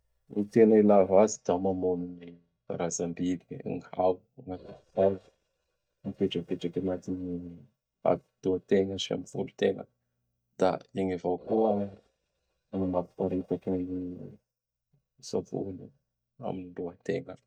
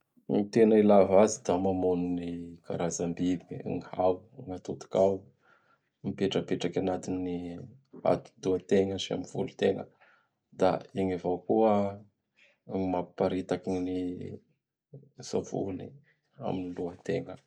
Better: second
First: noise reduction (neural mask model DeepFilterNet 3)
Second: none

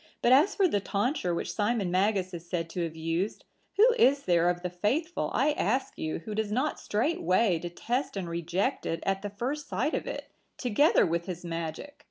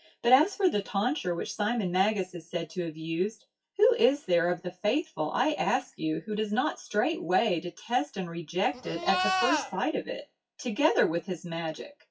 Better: first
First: none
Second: noise reduction (classical method WPE with log-MMSE)

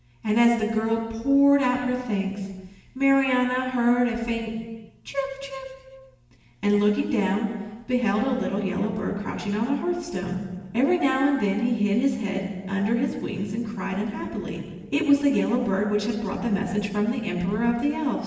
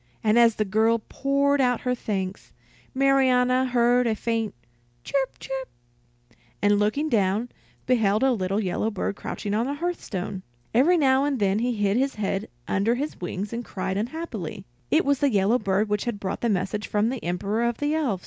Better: second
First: room echo; dies away in 1.2 s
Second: none

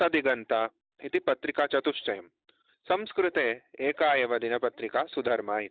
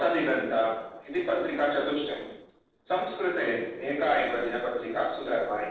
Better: first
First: none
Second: noise reduction (neural separator model SepFormer DNS4)

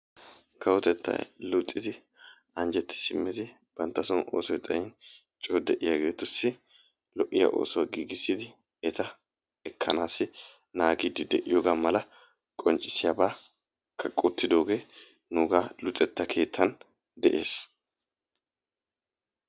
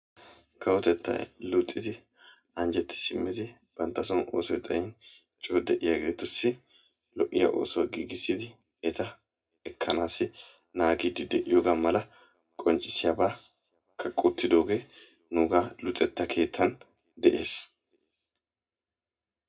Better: first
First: none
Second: room echo; dies away in 0.2 s

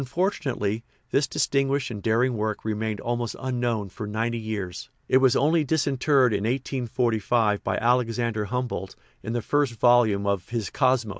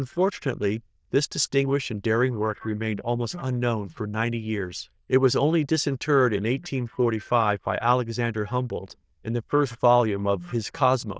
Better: first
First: none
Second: noise reduction (neural diffusion model UNIVERSE++)

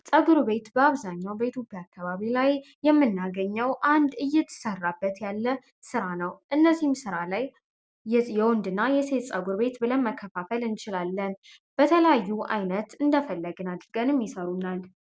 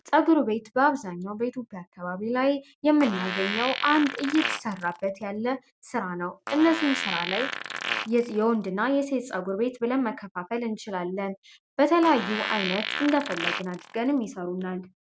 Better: first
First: none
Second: background sound (Fart); 7 dB below the speech

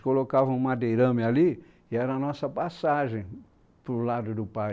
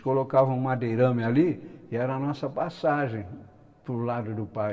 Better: first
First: none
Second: room echo; dies away in 1.6 s

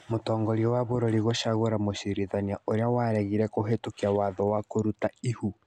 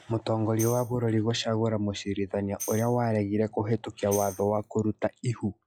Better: first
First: none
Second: noise reduction (classical method log-MMSE)

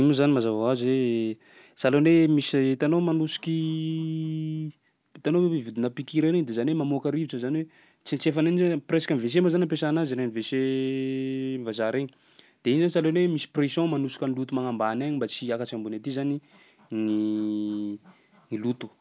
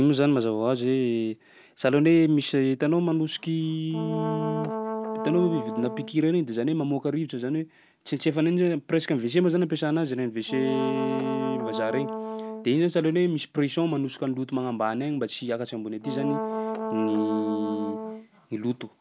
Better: first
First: none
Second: background sound (Brass instrument); 5 dB below the speech

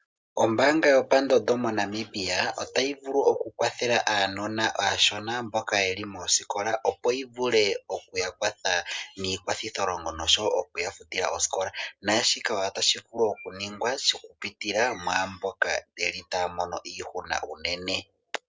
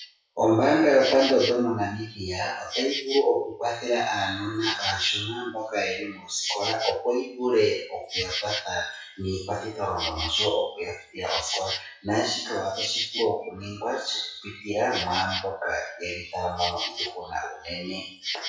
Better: first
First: none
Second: noise reduction (classical method WPE with log-MMSE)

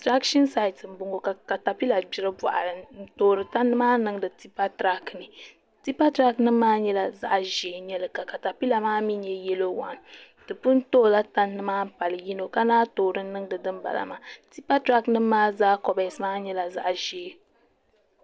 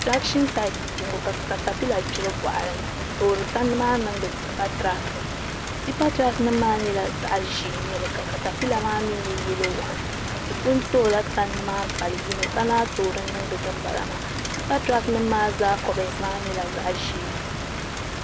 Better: first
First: none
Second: background sound (Rain); 3 dB below the speech

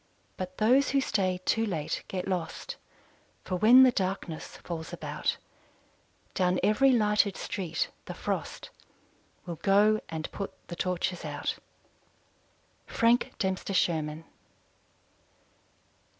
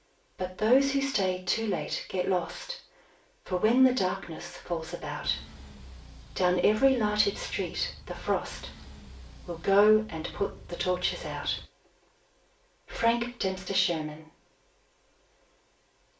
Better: first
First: none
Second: background sound (Engine); 17 dB below the speech // room echo; dies away in 0.3 s

